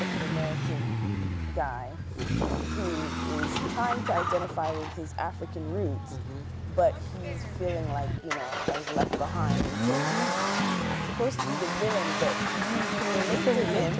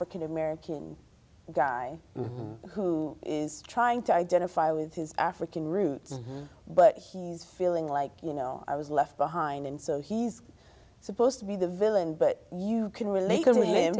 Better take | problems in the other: second | background sound (Accelerating, revving, vroom); 2 dB above the speech

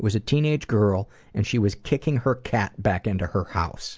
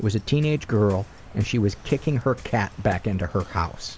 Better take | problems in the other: first | background sound (Waves, surf); 19 dB below the speech

